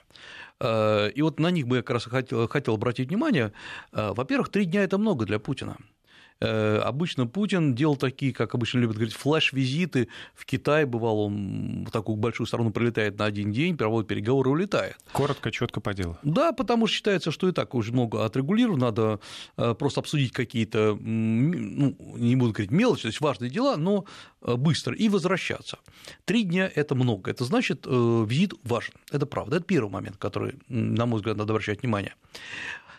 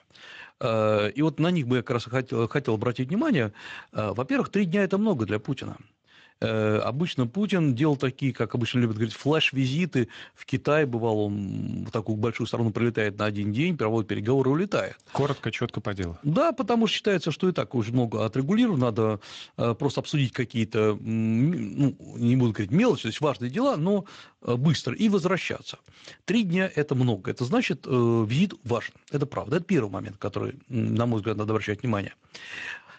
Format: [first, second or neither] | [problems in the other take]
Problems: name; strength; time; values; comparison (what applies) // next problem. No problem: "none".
first | garbled, watery; slightly; nothing above 7.5 kHz